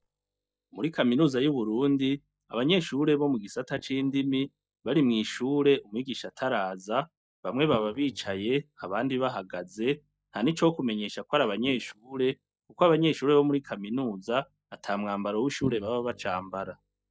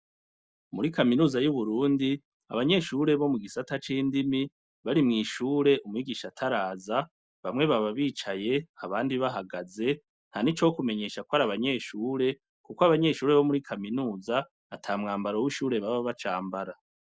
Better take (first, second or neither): second